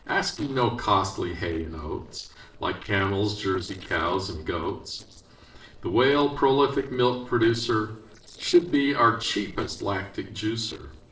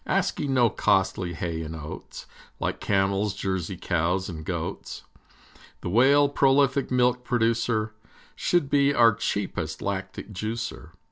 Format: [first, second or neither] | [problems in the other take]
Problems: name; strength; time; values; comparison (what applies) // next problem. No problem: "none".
second | noise reduction (neural separator model SepFormer DNS4)